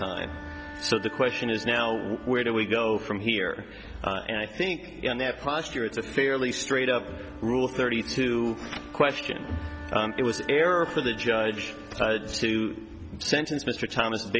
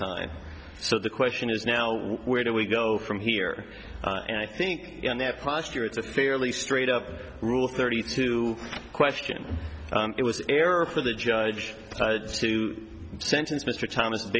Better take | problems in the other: second | background sound (Wind instrument, woodwind instrument); 17 dB below the speech

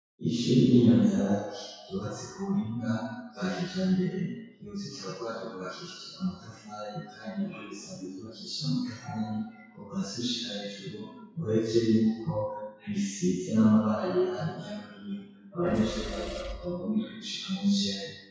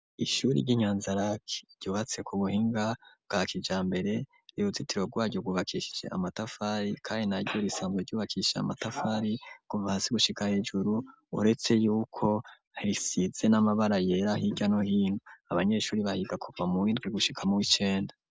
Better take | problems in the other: second | noise reduction (classical method WPE with log-MMSE)

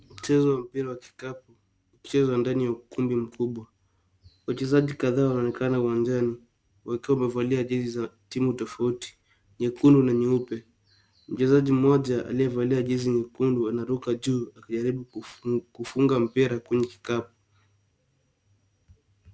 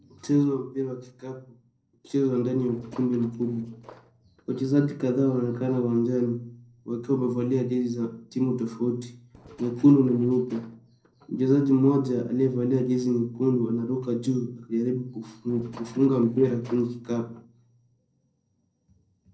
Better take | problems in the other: first | noise reduction (neural separator model SepFormer DNS4)

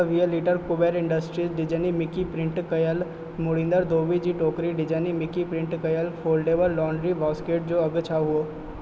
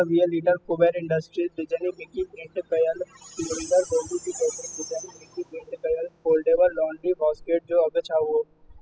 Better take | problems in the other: first | noise reduction (classical method spectral subtraction)

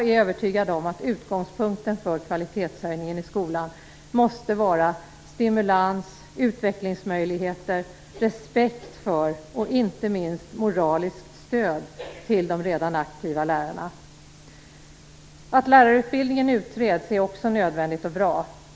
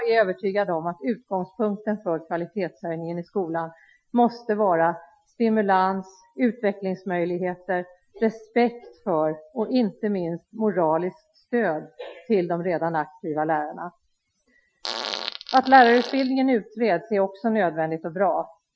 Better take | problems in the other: first | noise reduction (classical method Wiener filter)

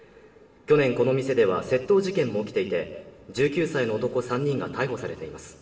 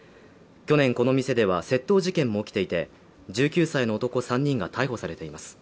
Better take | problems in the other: second | room echo; dies away in 1.9 s

